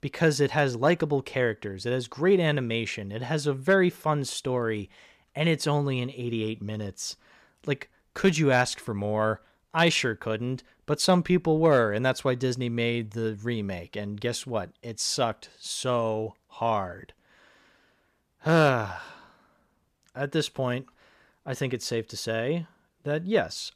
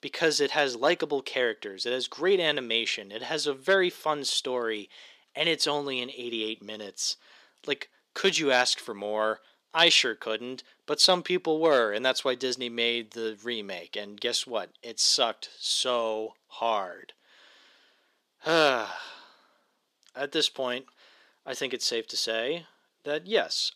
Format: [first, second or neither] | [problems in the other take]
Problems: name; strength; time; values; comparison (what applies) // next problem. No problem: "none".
first | thin; somewhat; fading below 300 Hz